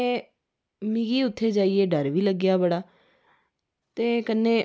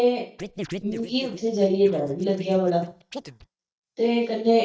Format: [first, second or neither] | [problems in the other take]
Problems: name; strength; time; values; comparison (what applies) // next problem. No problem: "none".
first | noise reduction (neural mask model DeepFilterNet 3)